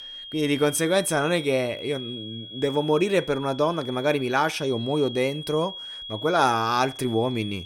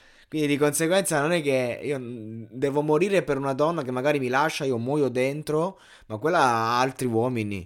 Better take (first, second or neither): second